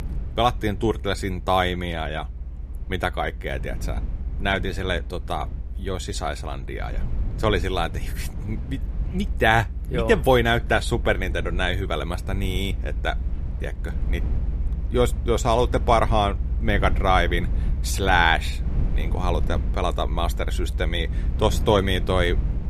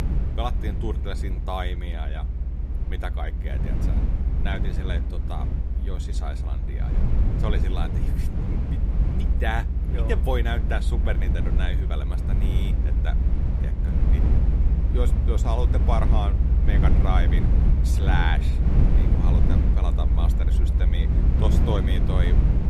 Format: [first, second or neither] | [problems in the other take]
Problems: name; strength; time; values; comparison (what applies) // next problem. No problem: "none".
first | low rumble; loud; throughout; 4 dB below the speech; faint in the first